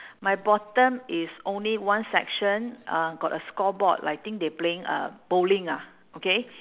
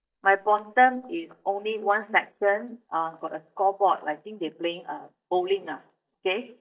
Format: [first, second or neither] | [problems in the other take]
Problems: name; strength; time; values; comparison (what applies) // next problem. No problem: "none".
first | noise reduction (neural mask model DeepFilterNet 3)